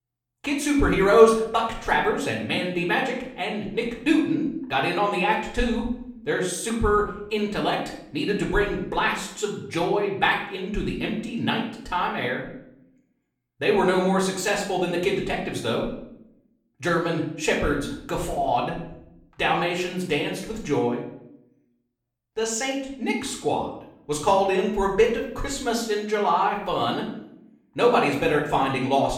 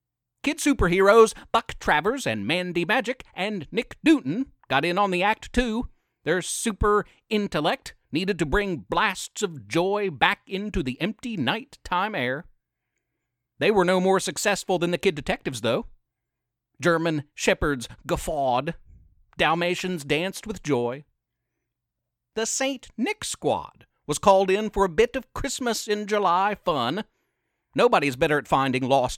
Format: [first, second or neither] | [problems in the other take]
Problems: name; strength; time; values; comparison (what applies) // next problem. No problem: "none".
second | off-mic speech; far // room echo; noticeable; dies away in 0.6 s